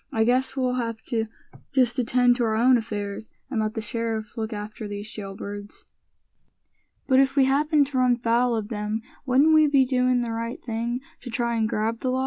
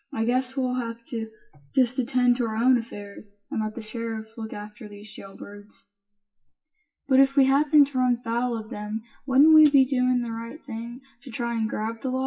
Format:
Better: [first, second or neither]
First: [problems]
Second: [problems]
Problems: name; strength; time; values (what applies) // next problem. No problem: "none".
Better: first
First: none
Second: noise reduction (classical method WPE with log-MMSE)